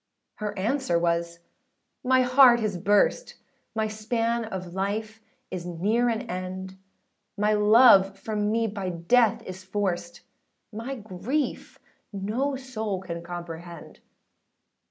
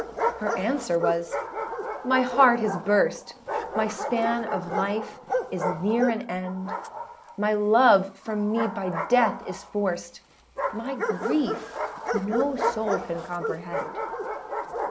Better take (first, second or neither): first